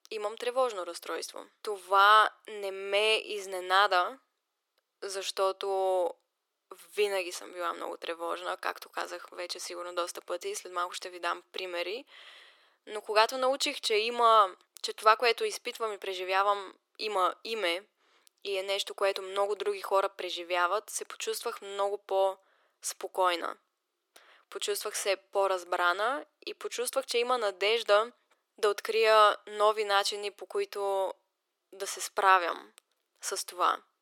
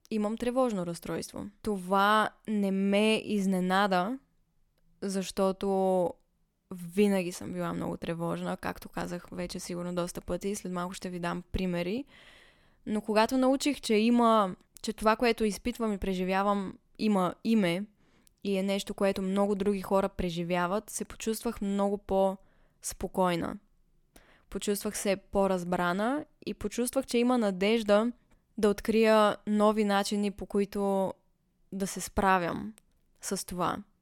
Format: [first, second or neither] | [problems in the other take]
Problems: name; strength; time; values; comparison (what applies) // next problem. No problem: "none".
second | thin; very; fading below 350 Hz